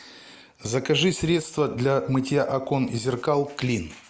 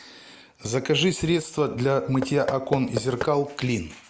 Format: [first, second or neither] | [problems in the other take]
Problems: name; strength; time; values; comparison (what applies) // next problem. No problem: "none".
first | background sound (Knock / Wood); 11 dB below the speech